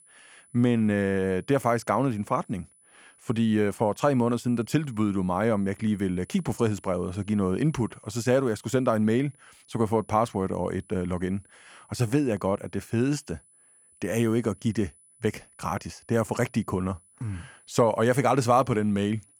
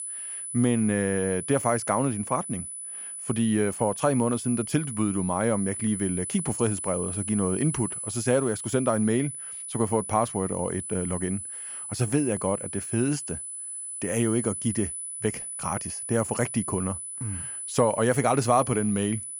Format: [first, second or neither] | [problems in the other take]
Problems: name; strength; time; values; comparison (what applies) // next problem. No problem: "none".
first | high-pitched whine; loud; throughout; 10 kHz, 6 dB below the speech; faint in the first